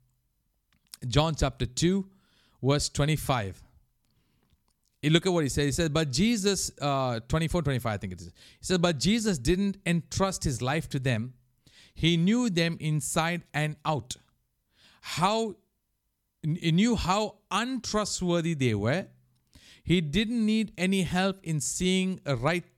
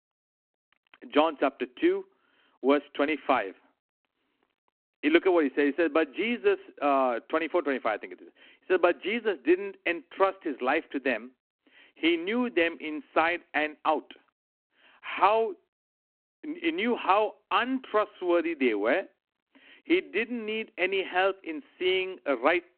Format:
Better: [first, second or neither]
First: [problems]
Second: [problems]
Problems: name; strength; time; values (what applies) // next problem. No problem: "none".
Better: first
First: none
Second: phone-call audio